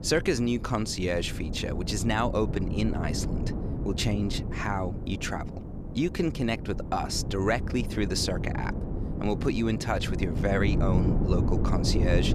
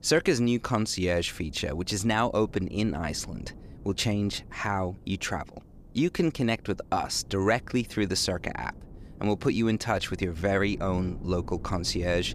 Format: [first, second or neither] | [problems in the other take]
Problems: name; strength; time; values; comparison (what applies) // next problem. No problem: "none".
second | wind noise on the microphone; heavy; 9 dB below the speech; occasional gusts in the second